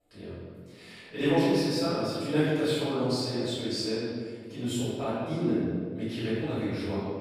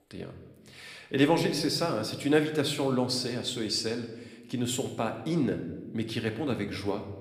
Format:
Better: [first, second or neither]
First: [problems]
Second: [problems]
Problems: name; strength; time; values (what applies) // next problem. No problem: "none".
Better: second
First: room echo; strong; dies away in 1.9 s // off-mic speech; far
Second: room echo; slight; dies away in 0.9 s